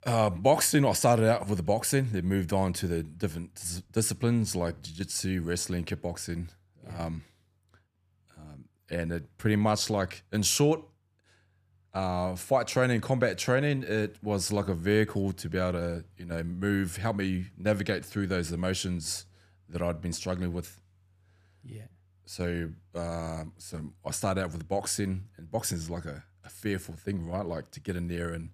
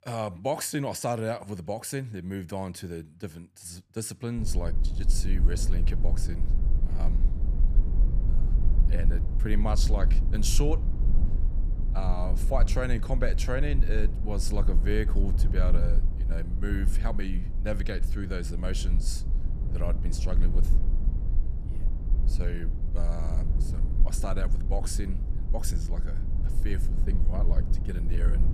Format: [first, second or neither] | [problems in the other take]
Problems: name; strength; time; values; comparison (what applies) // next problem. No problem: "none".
first | low rumble; noticeable; from 4.5 s on; 10 dB below the speech